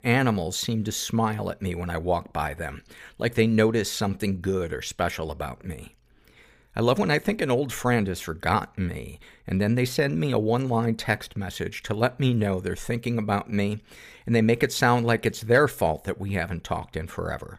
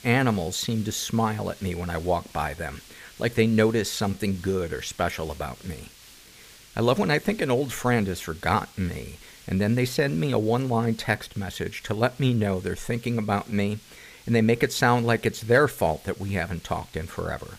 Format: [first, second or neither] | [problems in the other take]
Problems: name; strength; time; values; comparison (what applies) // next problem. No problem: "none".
first | hiss; faint; throughout; 20 dB below the speech